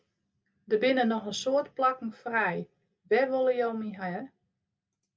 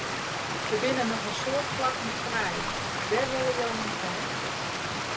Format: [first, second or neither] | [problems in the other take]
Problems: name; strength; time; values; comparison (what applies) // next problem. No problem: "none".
first | background sound (Stream); 1 dB above the speech